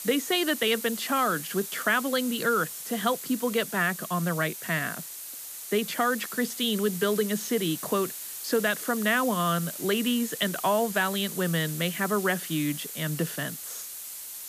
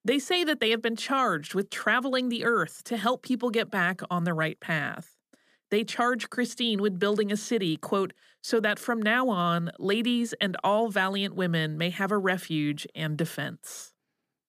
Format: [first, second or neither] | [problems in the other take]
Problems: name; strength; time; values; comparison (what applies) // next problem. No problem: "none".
second | hiss; loud; throughout; 8 dB below the speech